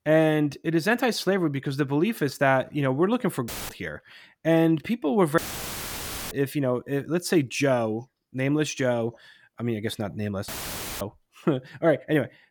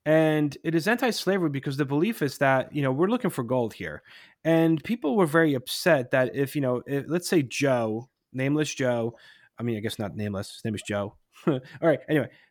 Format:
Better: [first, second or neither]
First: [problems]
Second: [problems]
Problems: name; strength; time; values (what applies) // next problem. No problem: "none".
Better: second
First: audio cutting out; filled with static; at 3.5 s, at 5.5 s for 1 s and at 10 s for 0.5 s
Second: none